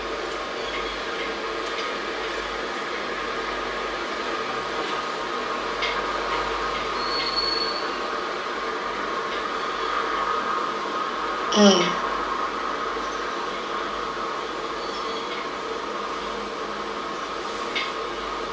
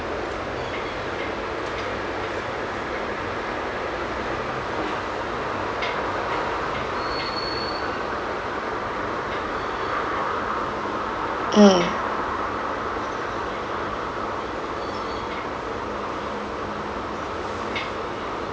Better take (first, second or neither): second